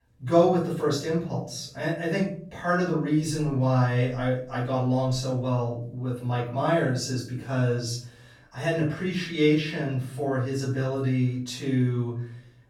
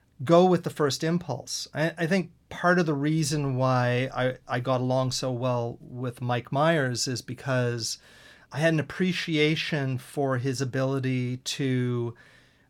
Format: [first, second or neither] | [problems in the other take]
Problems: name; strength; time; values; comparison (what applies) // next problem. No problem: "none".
second | room echo; noticeable; dies away in 0.5 s // off-mic speech; far